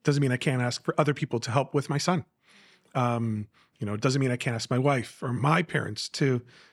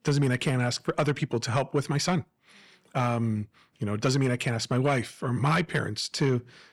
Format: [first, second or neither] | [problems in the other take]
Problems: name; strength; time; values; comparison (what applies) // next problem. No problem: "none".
first | distortion; slight; 10 dB below the speech